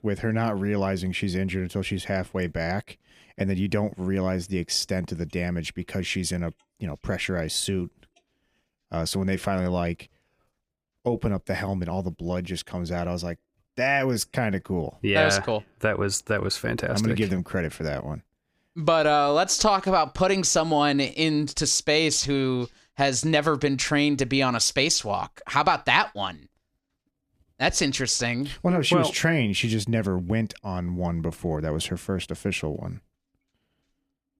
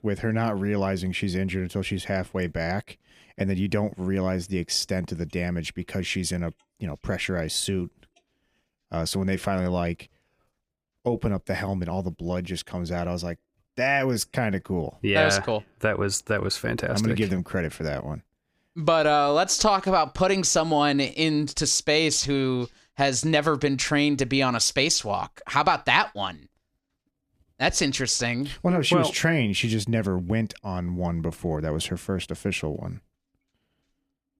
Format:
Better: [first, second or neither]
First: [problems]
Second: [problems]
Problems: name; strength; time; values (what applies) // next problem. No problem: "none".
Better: neither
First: none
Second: none